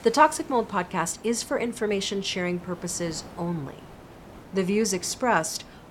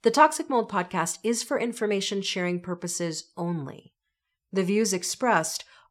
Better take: second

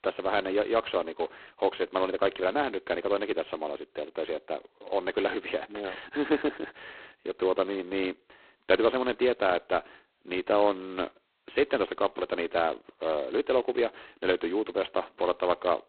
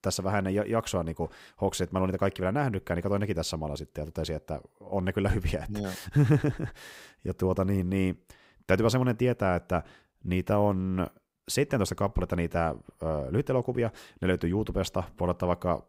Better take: second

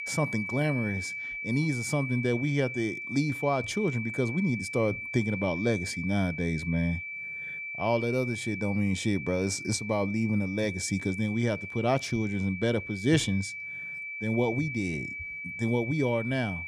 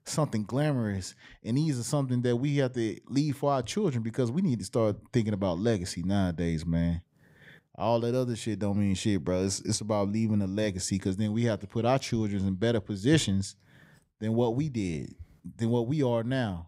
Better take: second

